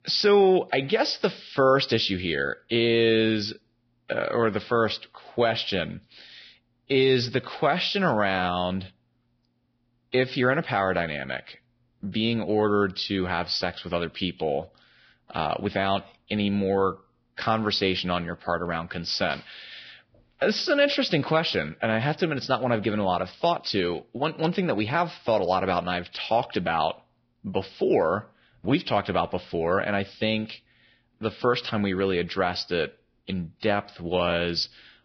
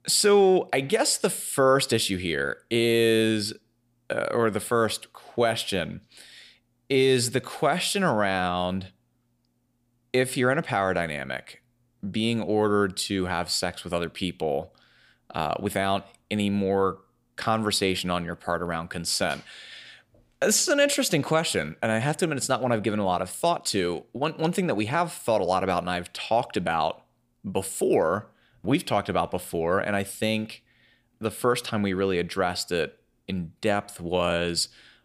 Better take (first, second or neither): second